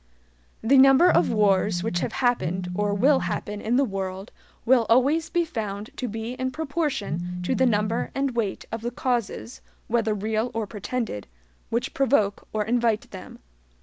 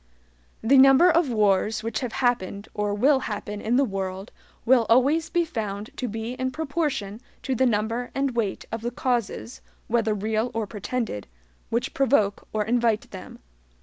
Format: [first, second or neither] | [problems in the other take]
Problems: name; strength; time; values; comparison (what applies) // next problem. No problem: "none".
second | background sound (Telephone); 4 dB below the speech